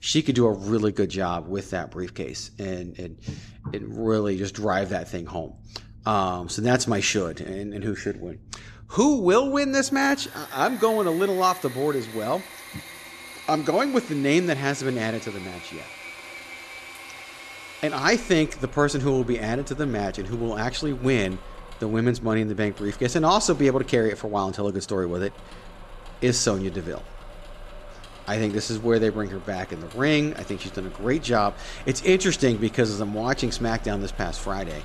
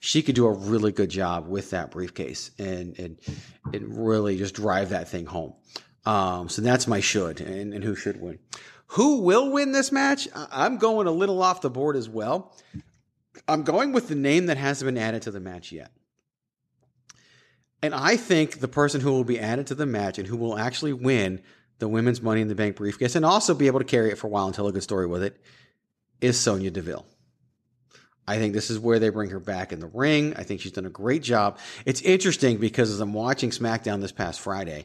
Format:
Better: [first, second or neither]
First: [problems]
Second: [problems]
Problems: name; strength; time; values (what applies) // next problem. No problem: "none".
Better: second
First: machinery noise; noticeable; throughout; 20 dB below the speech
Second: none